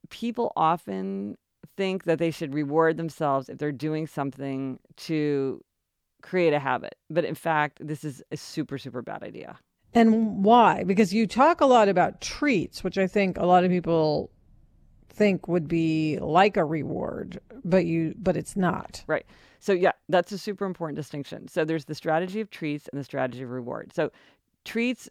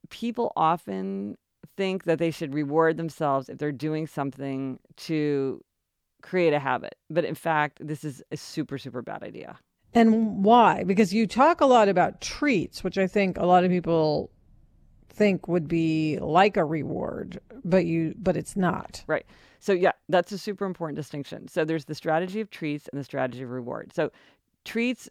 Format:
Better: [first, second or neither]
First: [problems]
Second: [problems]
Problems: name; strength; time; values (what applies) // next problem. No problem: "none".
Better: neither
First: none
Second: none